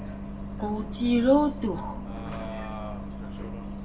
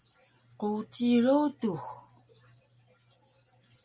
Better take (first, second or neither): second